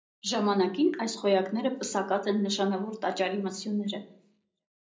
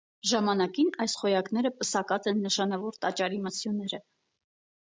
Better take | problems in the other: second | room echo; dies away in 0.5 s

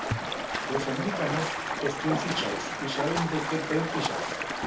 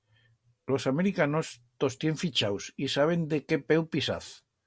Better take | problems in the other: second | background sound (Stream); 1 dB above the speech // room echo; dies away in 0.4 s

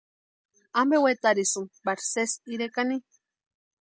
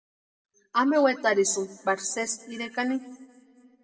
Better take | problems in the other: first | room echo; dies away in 1.2 s

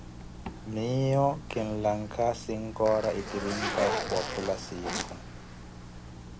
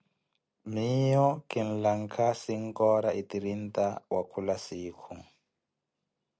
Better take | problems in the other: second | background sound (Zipper (clothing)); 6 dB below the speech

